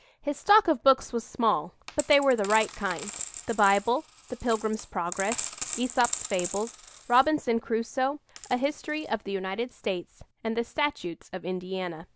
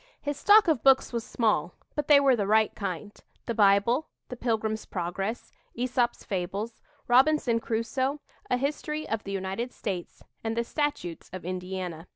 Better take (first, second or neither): second